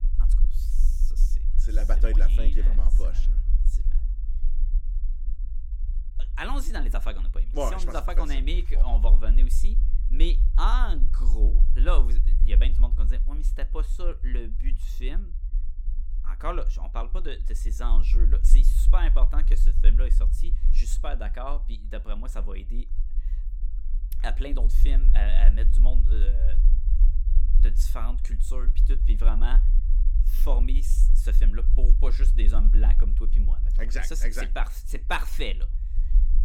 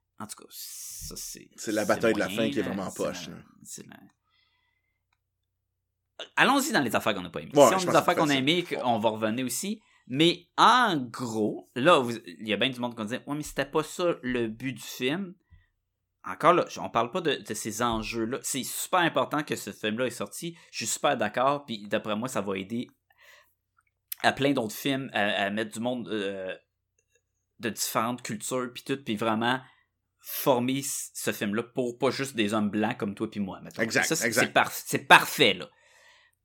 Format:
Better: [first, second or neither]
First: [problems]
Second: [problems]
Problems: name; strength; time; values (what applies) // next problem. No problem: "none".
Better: second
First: low rumble; noticeable; throughout; 15 dB below the speech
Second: none